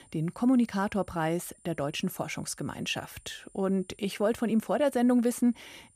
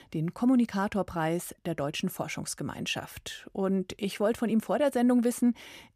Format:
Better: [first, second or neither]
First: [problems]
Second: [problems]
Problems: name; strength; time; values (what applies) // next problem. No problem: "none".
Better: second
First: high-pitched whine; faint; throughout; 9.5 kHz, 30 dB below the speech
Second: none